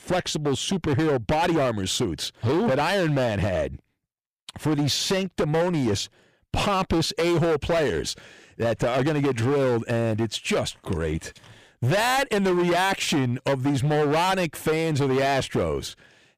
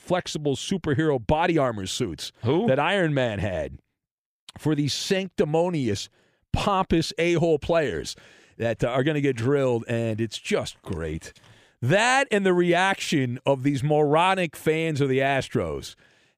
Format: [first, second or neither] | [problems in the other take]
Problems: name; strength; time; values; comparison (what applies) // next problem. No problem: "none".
second | distortion; heavy; 19% of the sound clipped